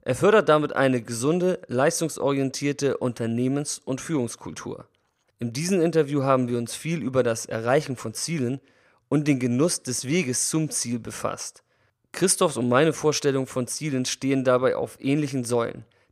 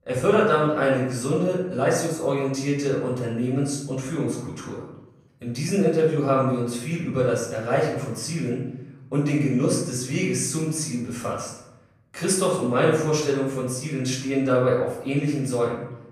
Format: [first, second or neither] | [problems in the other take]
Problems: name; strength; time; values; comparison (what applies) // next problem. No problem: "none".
first | off-mic speech; far // room echo; noticeable; dies away in 0.8 s